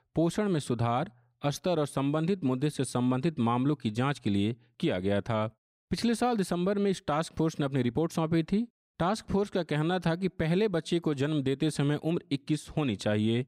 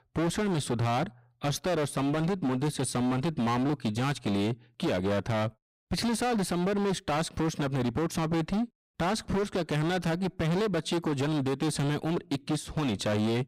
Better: first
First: none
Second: distortion; heavy; 28% of the sound clipped

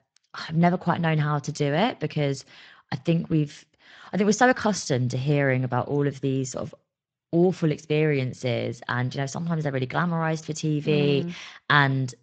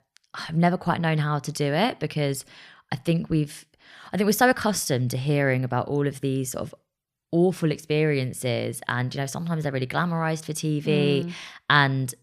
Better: second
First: garbled, watery; slightly; nothing above 7.5 kHz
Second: none

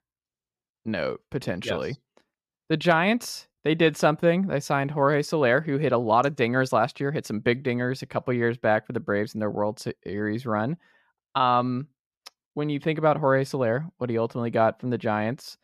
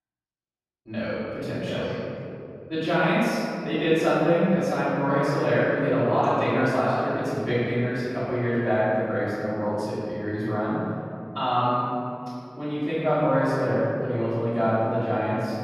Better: first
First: none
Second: room echo; strong; dies away in 2.5 s // off-mic speech; far

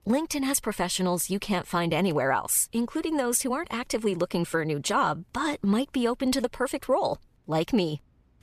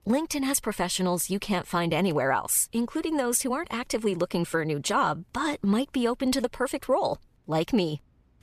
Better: neither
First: none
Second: none

